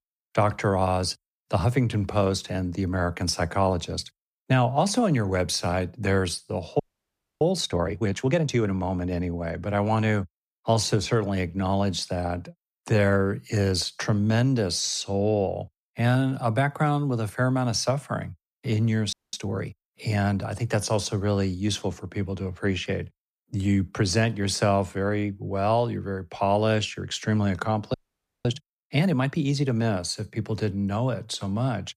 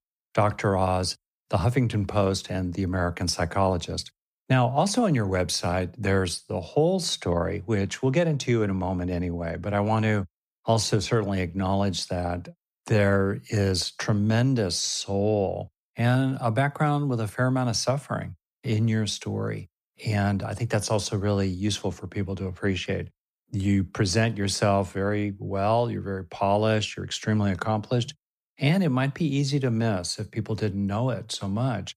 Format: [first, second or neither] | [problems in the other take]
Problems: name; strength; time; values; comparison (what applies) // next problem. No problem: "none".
second | audio freezing; at 7 s for 0.5 s, at 19 s and at 28 s for 0.5 s